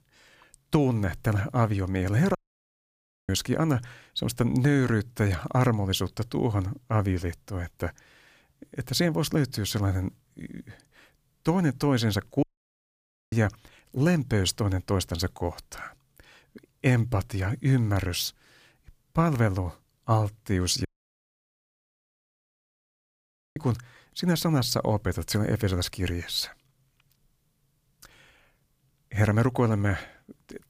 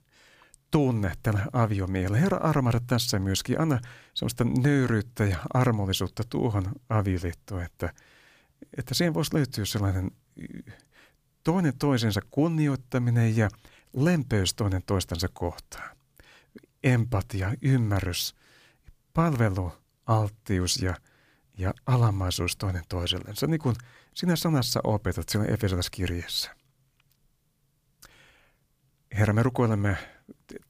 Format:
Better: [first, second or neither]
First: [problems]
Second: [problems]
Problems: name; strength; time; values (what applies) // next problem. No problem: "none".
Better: second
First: audio cutting out; at 2.5 s for 1 s, at 12 s for 1 s and at 21 s for 2.5 s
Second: none